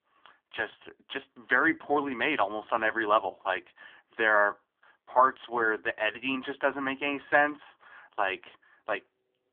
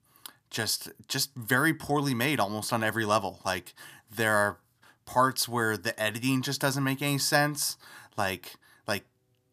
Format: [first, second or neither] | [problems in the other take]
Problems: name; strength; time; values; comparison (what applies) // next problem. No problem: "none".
second | phone-call audio; poor line; nothing above 3.5 kHz